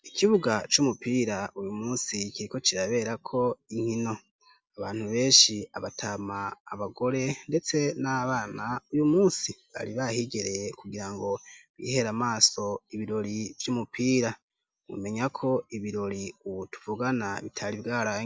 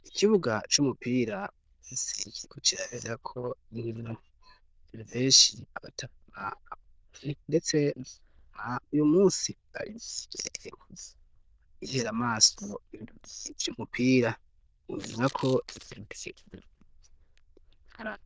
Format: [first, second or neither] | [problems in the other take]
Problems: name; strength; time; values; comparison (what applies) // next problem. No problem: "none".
first | noise reduction (neural diffusion model UNIVERSE++)